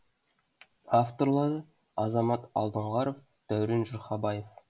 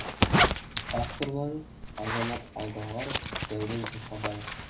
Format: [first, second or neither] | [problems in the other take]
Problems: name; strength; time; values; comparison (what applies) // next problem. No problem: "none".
first | background sound (Zipper (clothing)); 4 dB above the speech // room echo; dies away in 0.3 s